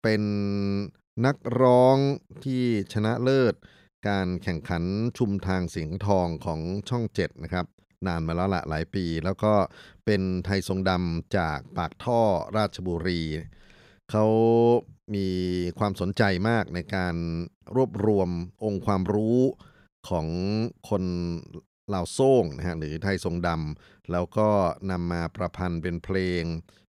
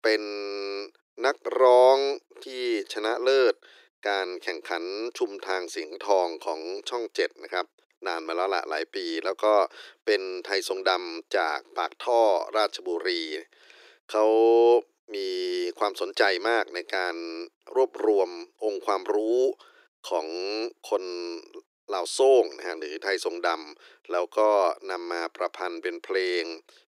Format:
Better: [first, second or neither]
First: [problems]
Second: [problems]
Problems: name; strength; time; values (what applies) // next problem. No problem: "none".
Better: first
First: none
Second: thin; very; fading below 350 Hz